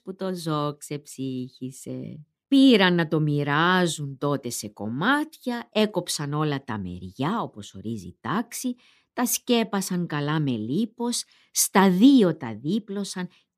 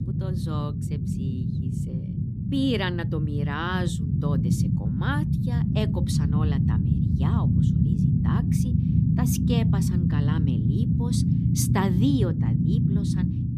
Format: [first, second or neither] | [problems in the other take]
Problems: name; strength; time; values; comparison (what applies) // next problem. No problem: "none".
first | low rumble; loud; throughout; as loud as the speech